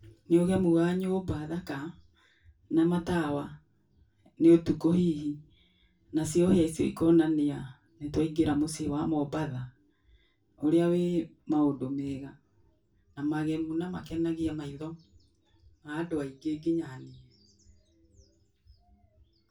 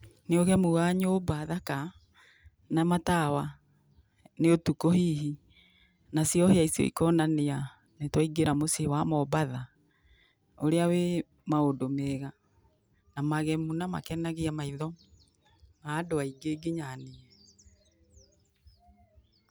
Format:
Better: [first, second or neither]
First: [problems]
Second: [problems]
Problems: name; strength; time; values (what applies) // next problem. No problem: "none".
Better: second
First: room echo; dies away in 0.2 s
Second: none